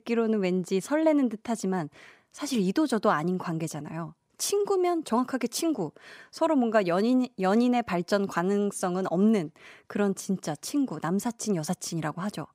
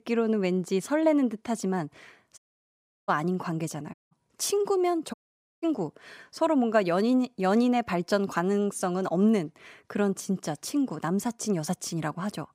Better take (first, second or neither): first